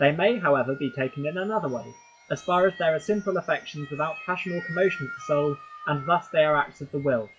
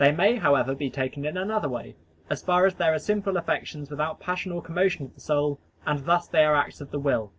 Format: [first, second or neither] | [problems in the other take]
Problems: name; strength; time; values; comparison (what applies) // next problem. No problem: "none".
second | noise reduction (classical method log-MMSE)